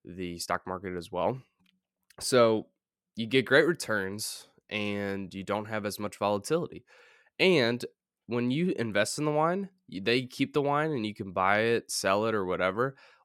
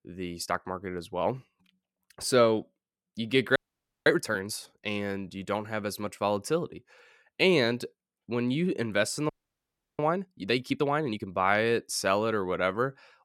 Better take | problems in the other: first | audio freezing; at 3.5 s and at 9.5 s for 0.5 s

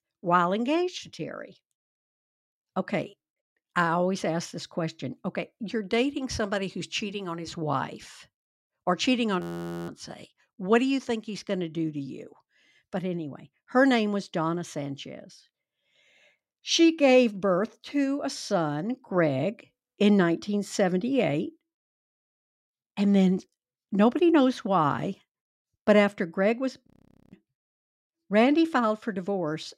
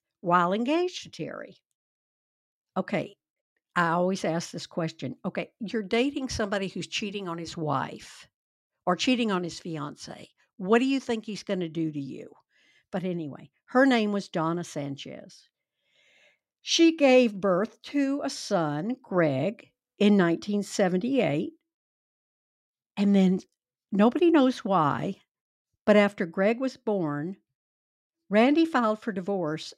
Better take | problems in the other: second | audio freezing; at 9.5 s and at 27 s

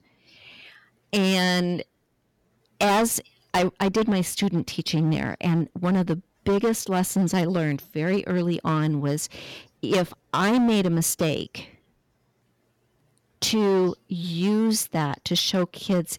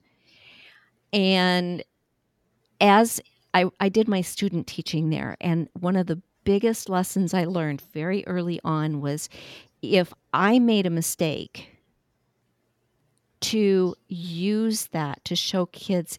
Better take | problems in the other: second | distortion; heavy; 10% of the sound clipped

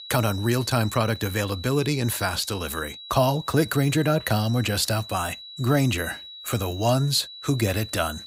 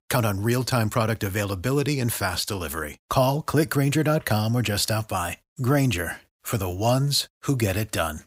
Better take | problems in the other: second | high-pitched whine; noticeable; throughout; 4 kHz, 15 dB below the speech

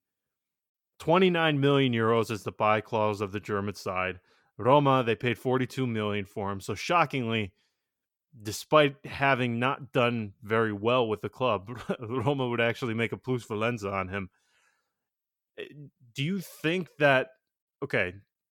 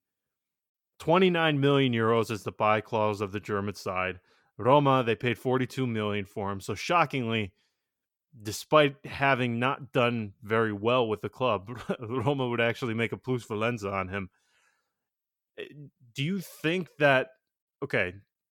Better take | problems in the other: neither | none

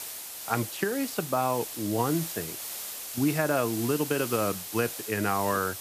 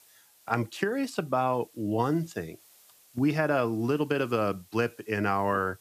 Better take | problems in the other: second | hiss; loud; throughout; 6 dB below the speech; faint in the second

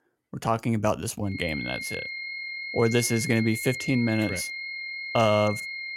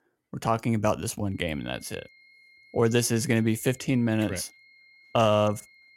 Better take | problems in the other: second | high-pitched whine; loud; from 1.5 s on; 2 kHz, 6 dB below the speech; faint in the second

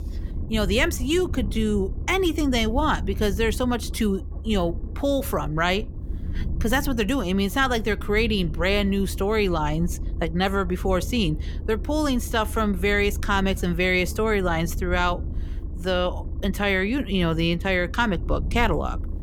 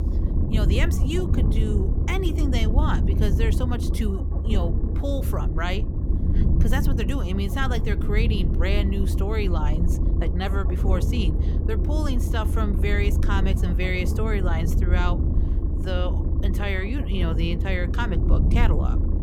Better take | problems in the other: first | low rumble; loud; throughout; 5 dB below the speech; faint in the first

